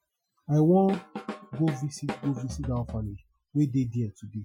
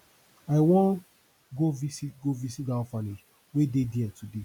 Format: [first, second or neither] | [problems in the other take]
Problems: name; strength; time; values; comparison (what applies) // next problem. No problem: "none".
second | noise reduction (classical method Wiener filter)